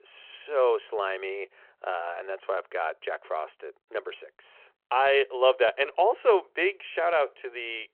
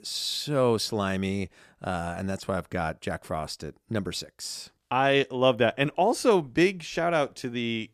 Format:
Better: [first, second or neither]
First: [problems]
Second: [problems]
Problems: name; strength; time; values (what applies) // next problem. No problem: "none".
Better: second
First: phone-call audio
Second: none